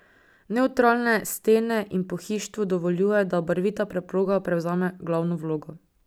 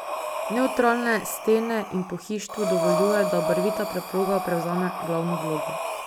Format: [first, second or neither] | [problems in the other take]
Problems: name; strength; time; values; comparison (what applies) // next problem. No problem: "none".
first | background sound (Breathing); 3 dB below the speech